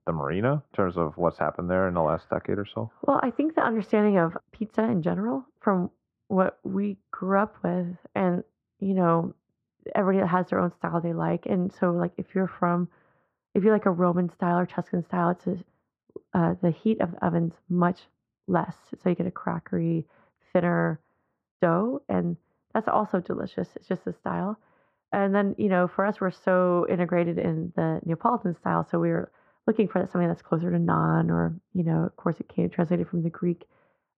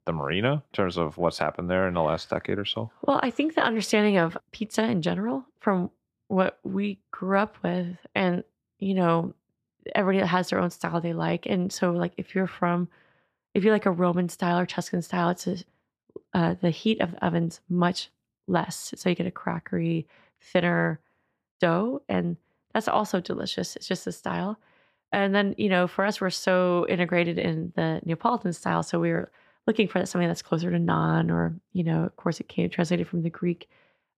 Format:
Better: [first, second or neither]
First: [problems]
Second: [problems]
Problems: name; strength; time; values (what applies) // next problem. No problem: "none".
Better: second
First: muffled; very; fading above 3 kHz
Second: none